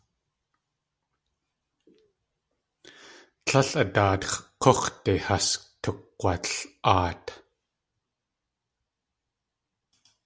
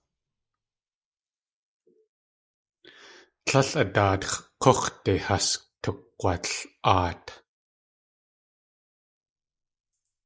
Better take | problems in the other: first | noise reduction (neural mask model Resemble Enhance denoiser)

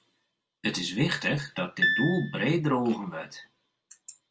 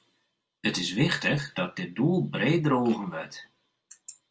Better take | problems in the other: second | background sound (Piano); as loud as the speech

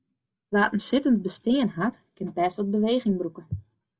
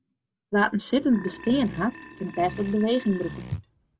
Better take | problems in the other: first | background sound (Fart + Burping, eructation); 14 dB below the speech

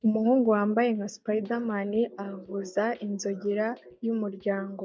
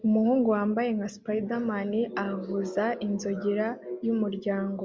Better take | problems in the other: second | noise reduction (neural mask model DeepFilterNet 3)

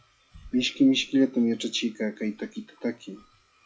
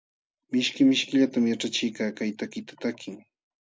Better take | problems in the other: second | noise reduction (classical method log-MMSE)

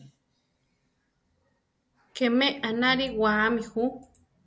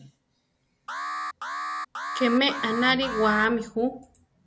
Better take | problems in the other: first | background sound (Alarm); 6 dB below the speech

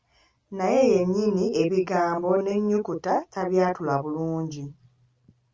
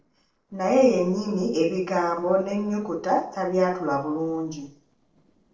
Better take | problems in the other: first | noise reduction (neural separator model SepFormer DNS4)

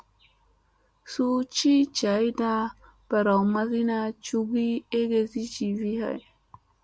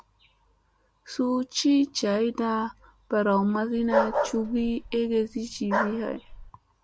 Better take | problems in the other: first | background sound (Bark); 3 dB below the speech

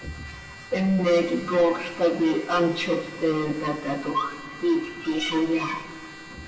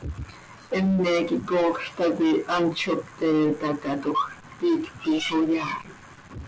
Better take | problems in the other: second | background sound (Trumpet); 19 dB below the speech // room echo; dies away in 1.9 s

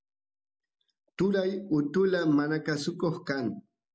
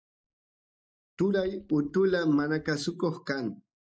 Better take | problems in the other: first | noise reduction (neural mask model DeepFilterNet 3)

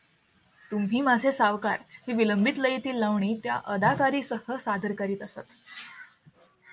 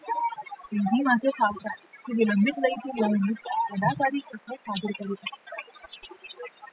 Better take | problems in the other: first | noise reduction (classical method spectral subtraction)

